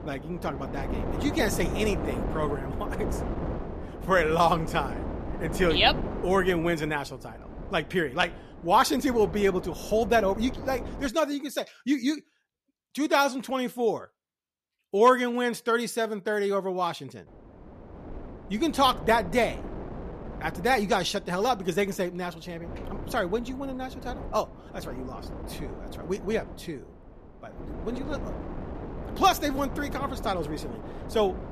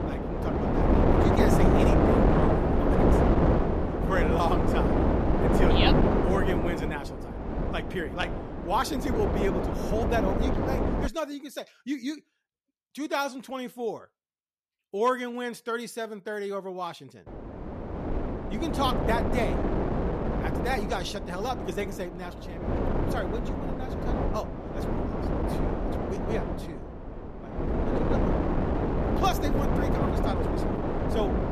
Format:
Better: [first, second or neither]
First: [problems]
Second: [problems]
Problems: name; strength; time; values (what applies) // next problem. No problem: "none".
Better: first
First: wind noise on the microphone; occasional gusts; until 11 s and from 17 s on; 15 dB below the speech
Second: wind noise on the microphone; heavy; until 11 s and from 17 s on; 2 dB above the speech